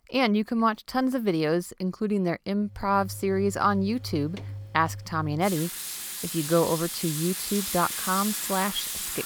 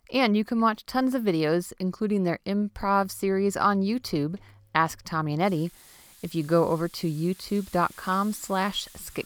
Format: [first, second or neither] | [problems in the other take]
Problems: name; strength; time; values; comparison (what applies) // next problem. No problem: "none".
second | household noises; loud; from 3 s on; 5 dB below the speech; faint in the second